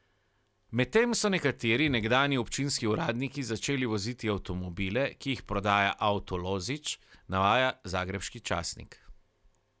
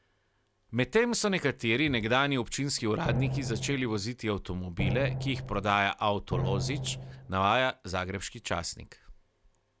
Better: first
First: none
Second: background sound (Drum); 2 dB below the speech

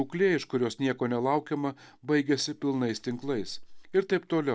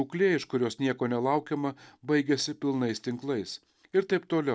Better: second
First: background sound (Chewing, mastication); 19 dB below the speech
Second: none

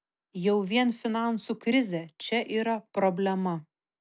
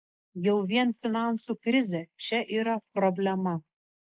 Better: first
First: none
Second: noise reduction (neural mask model Resemble Enhance denoiser)

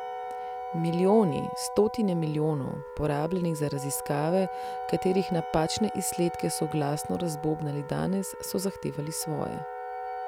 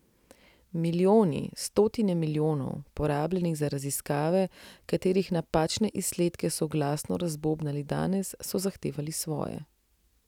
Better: second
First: background sound (Wind instrument, woodwind instrument + Wind instrument, woodwind instrument); 8 dB below the speech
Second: none

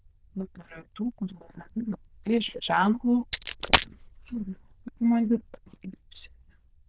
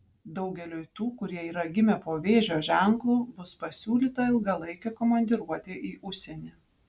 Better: second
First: noise reduction (neural diffusion model UNIVERSE++)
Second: none

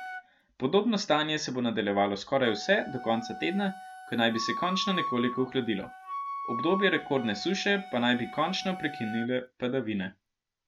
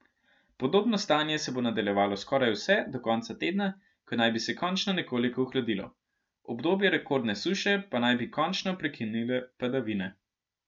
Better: second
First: background sound (Wind instrument, woodwind instrument); 11 dB below the speech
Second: none

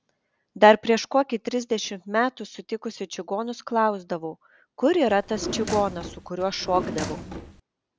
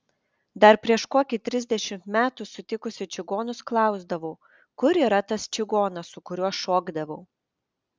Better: second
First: background sound (Drawer open or close); 9 dB below the speech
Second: none

